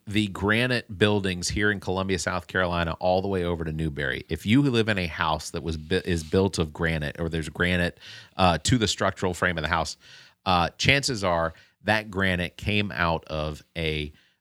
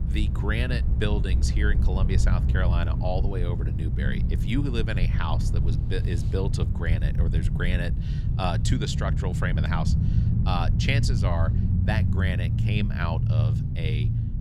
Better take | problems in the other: first | low rumble; loud; throughout; 6 dB below the speech

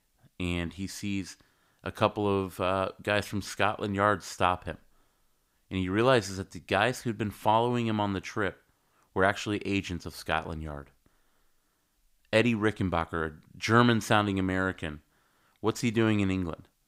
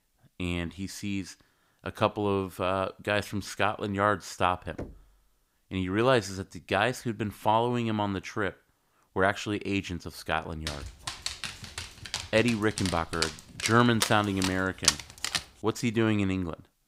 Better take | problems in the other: first | door banging; faint; at 5 s; peak 15 dB below the speech // dog barking; loud; from 11 to 15 s; peak 3 dB above the speech

